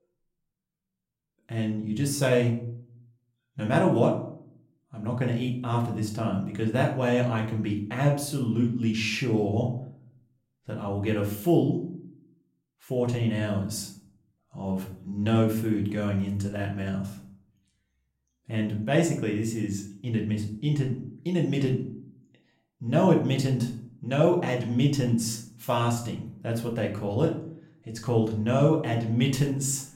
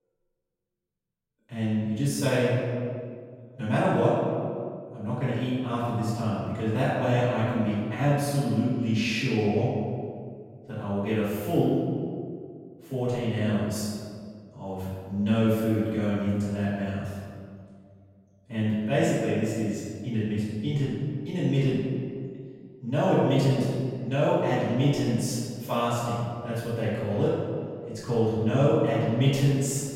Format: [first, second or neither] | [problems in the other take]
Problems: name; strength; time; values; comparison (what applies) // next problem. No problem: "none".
first | room echo; strong; dies away in 1.9 s; slight in the first // off-mic speech; far; somewhat distant in the first